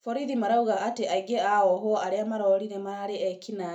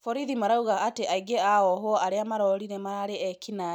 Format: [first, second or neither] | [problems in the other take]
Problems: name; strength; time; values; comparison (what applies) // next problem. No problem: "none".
second | room echo; dies away in 0.3 s